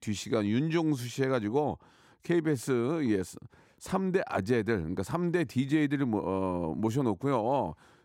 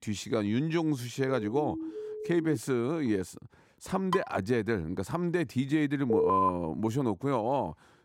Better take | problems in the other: first | siren; noticeable; from 1.5 to 2.5 s; peak 7 dB below the speech // clattering dishes; noticeable; at 4 s; peak 6 dB below the speech // alarm; loud; at 6 s; peak 4 dB above the speech

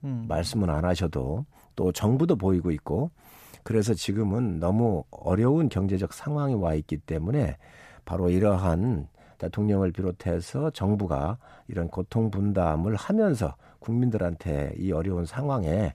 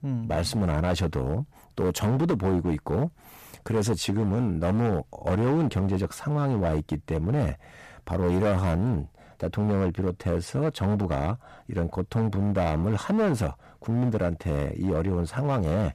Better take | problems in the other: first | distortion; slight; 12% of the sound clipped

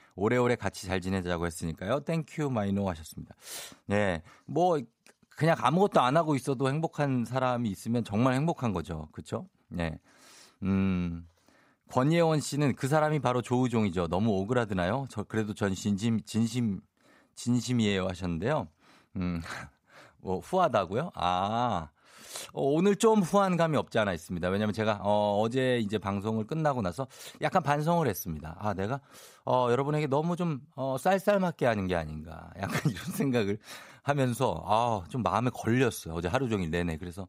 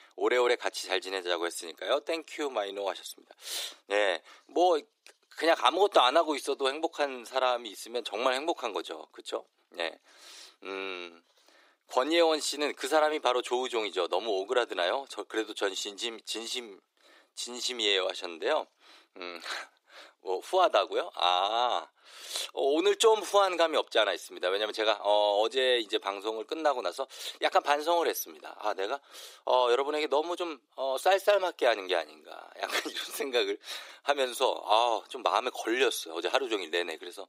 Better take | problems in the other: first | thin; very; fading below 300 Hz

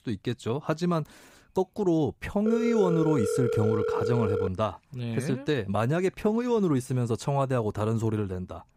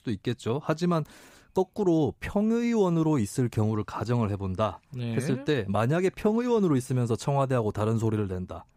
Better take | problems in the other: second | phone ringing; noticeable; from 2.5 to 4.5 s; peak level with the speech

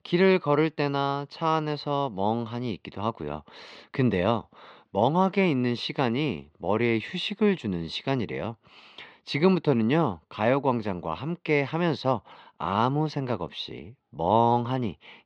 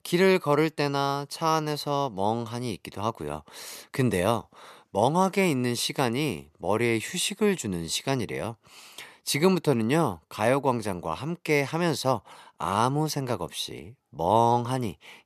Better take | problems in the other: second | muffled; slightly; fading above 3.5 kHz

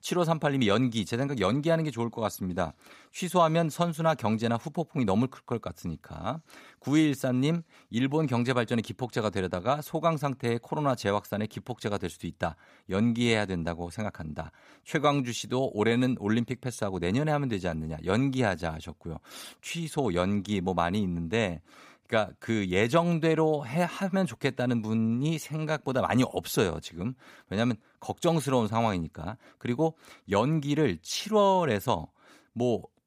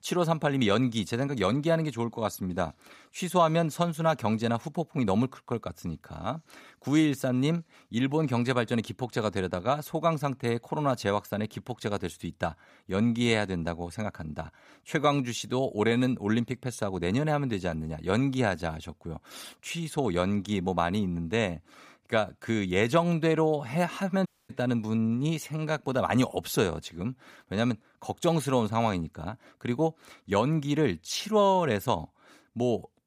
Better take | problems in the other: first | audio cutting out; at 24 s

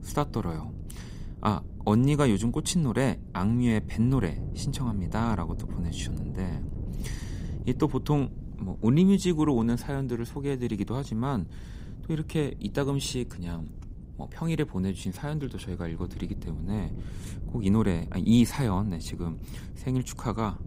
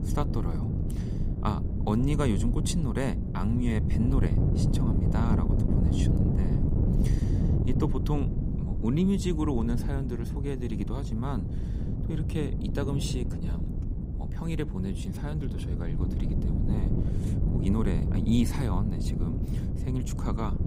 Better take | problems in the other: first | wind noise on the microphone; heavy; 3 dB below the speech; occasional gusts in the first

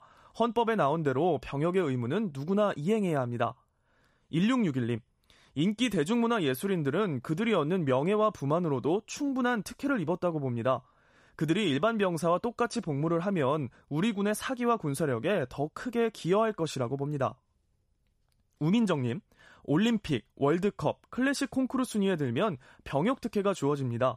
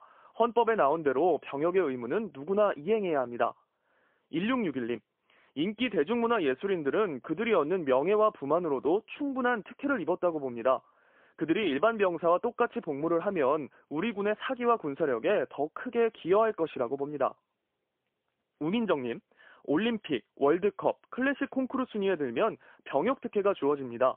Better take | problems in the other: first | phone-call audio; poor line; nothing above 3.5 kHz

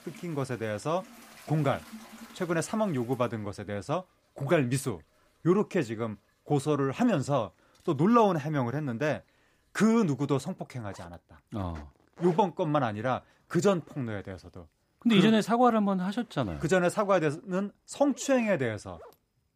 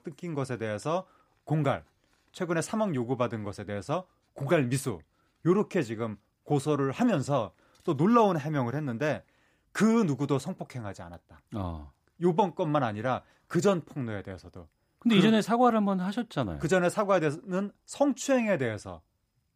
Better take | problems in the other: second | household noises; faint; throughout; 25 dB below the speech

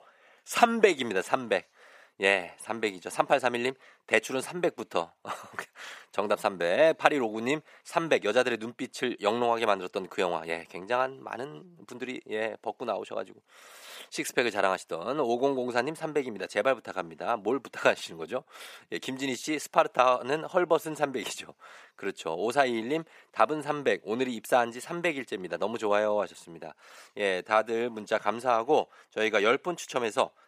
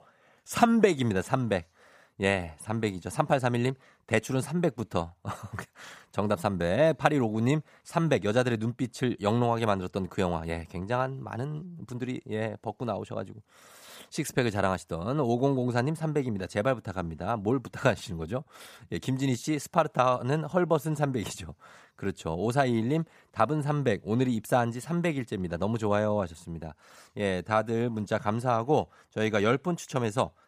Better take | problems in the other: second | thin; somewhat; fading below 400 Hz

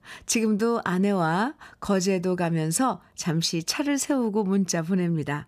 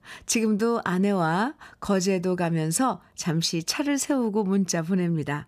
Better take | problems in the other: neither | none

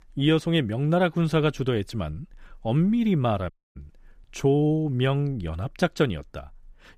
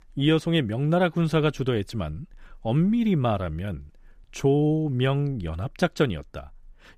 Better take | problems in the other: second | audio cutting out; at 3.5 s

